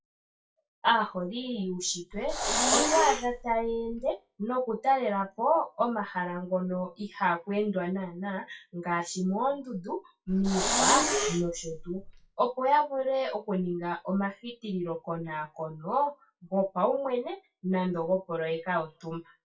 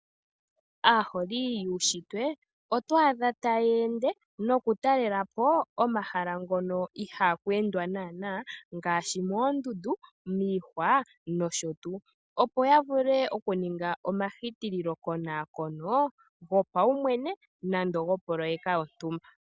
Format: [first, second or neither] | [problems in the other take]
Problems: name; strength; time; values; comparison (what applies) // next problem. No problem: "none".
second | noise reduction (classical method WPE with log-MMSE)